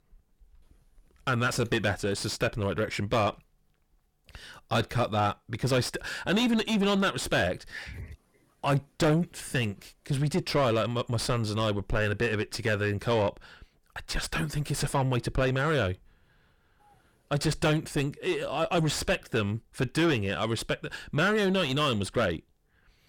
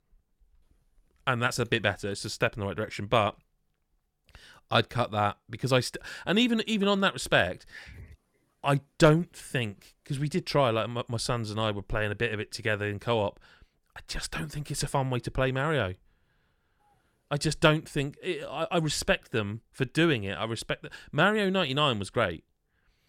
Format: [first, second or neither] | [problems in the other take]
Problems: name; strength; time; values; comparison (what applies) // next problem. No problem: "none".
second | distortion; heavy; 5 dB below the speech